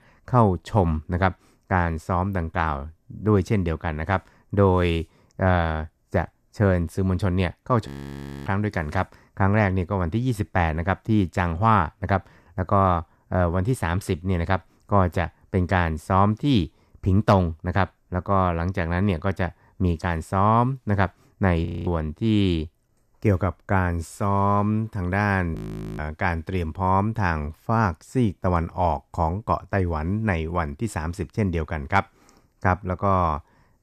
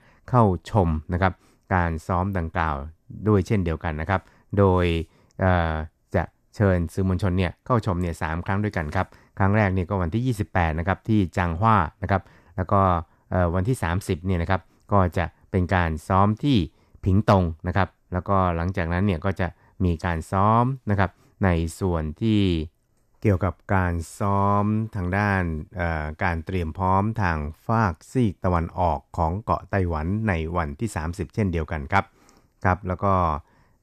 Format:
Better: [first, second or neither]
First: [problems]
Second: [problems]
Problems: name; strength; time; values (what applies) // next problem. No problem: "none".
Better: second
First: audio freezing; at 8 s for 0.5 s, at 22 s and at 26 s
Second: none